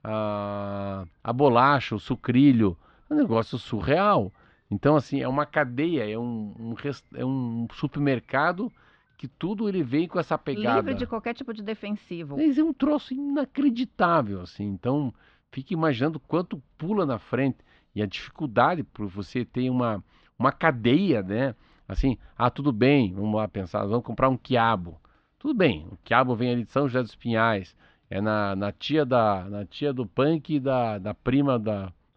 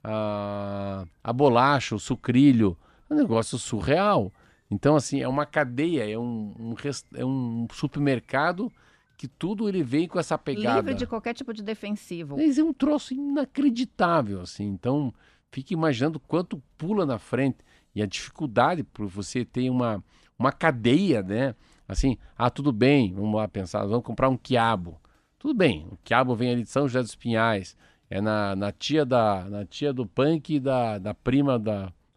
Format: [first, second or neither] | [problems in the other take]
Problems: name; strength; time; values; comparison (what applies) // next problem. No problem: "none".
second | muffled; very slightly; fading above 4 kHz